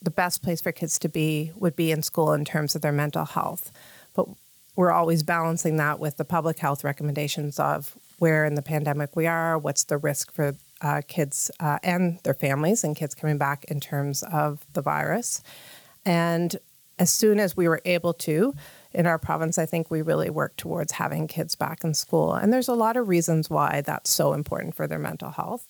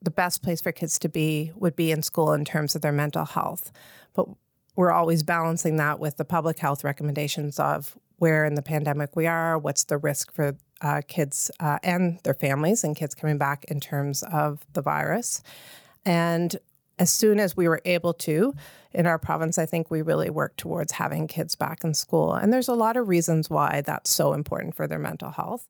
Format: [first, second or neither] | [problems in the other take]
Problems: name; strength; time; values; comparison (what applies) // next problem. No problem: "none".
second | hiss; faint; throughout; 30 dB below the speech